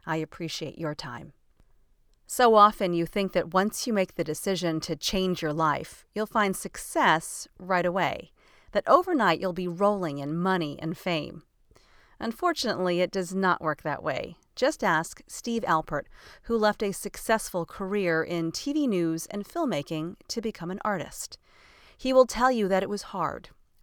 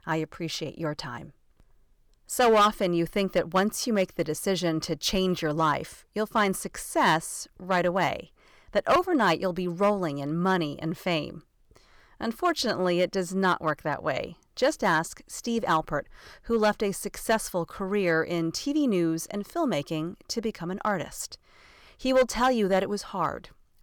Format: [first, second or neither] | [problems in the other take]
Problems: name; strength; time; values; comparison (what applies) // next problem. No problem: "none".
first | distortion; slight; 1.8% of the sound clipped